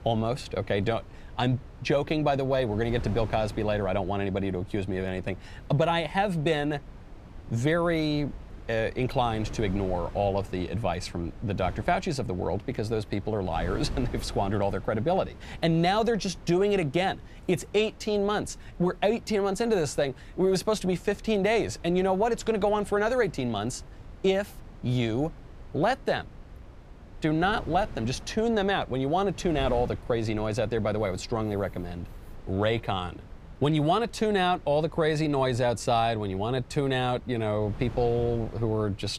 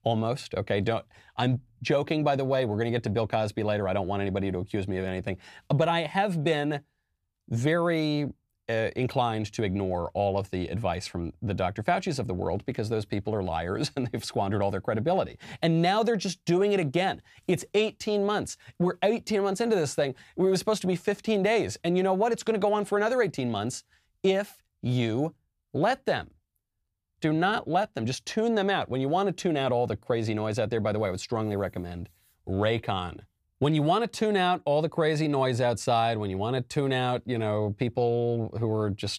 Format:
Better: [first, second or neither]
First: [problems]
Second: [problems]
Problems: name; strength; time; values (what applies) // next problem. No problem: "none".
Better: second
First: wind noise on the microphone; occasional gusts; 20 dB below the speech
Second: none